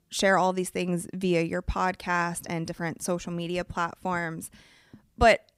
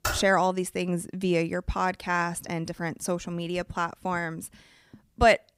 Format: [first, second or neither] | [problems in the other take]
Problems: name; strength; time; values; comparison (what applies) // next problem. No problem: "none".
first | keyboard typing; noticeable; at the start; peak 4 dB below the speech